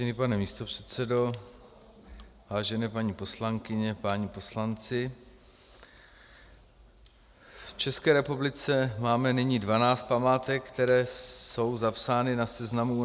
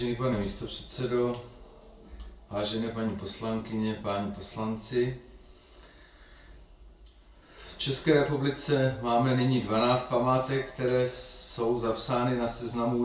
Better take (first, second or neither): first